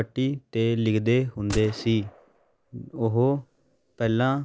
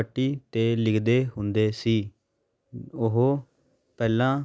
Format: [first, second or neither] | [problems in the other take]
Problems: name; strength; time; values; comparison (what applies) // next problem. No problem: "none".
second | background sound (Gunshot, gunfire); 15 dB below the speech